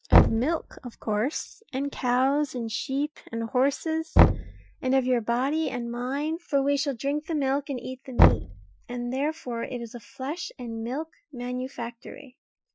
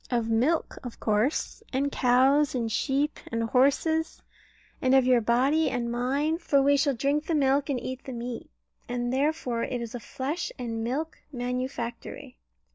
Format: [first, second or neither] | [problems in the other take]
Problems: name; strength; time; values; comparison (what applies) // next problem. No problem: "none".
second | noise reduction (classical method Wiener filter)